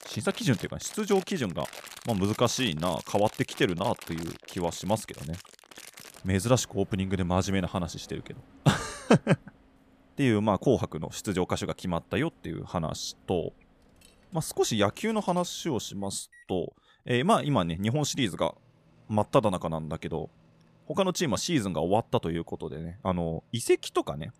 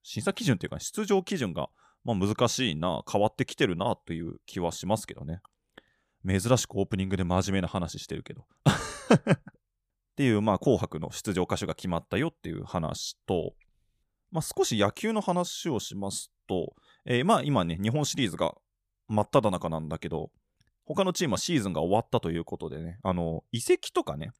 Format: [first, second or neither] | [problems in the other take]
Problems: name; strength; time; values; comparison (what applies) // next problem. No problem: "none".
second | household noises; noticeable; throughout; 20 dB below the speech